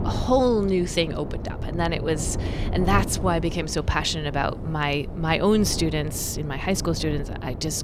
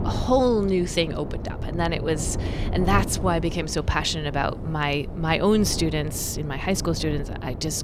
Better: neither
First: wind noise on the microphone; occasional gusts; 15 dB below the speech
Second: wind noise on the microphone; occasional gusts; 15 dB below the speech

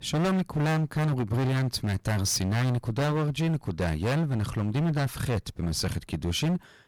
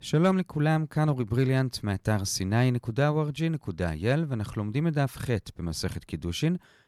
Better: second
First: distortion; heavy; 24% of the sound clipped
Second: none

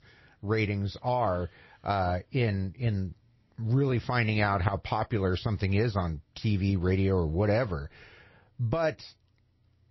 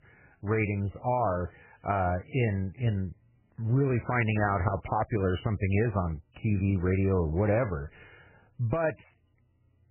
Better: first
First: garbled, watery; slightly; nothing above 5.5 kHz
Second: garbled, watery; badly; nothing above 2.5 kHz

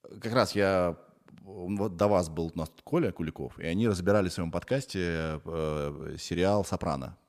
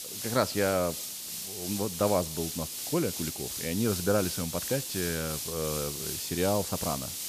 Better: first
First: none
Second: hiss; loud; throughout; 3 dB below the speech

